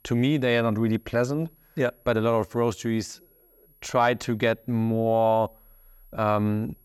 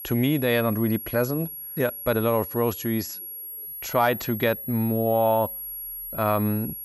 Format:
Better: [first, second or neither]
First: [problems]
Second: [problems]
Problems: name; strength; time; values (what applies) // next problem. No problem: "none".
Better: first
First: high-pitched whine; faint; throughout; 11.5 kHz, 35 dB below the speech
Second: high-pitched whine; loud; throughout; 11.5 kHz, 8 dB below the speech